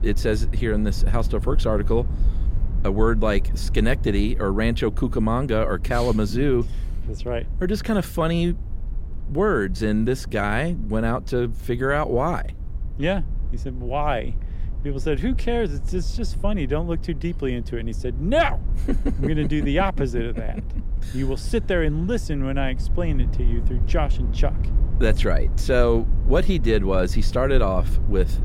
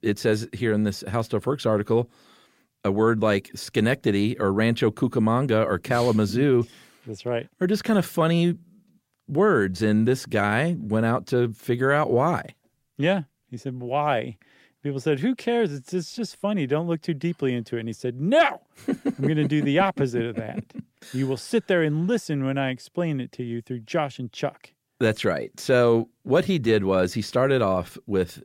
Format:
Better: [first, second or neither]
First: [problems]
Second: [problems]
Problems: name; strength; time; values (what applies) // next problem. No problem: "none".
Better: second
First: low rumble; noticeable; throughout; 20 dB below the speech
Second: none